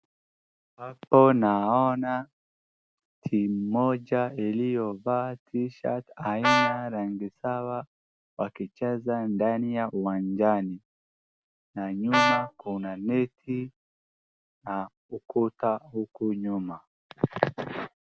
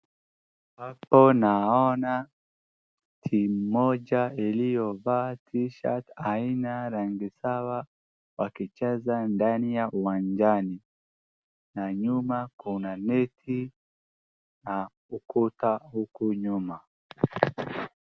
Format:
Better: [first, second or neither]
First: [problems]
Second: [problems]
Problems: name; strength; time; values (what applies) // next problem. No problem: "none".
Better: second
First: background sound (Brass instrument); 1 dB above the speech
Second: none